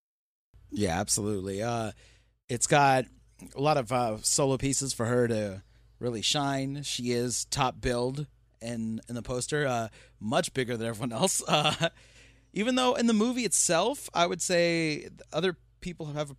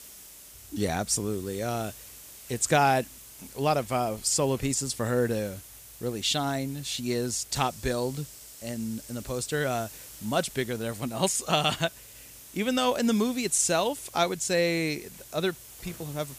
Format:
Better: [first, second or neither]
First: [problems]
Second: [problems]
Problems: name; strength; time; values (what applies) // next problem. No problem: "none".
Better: first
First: none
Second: hiss; noticeable; throughout; 15 dB below the speech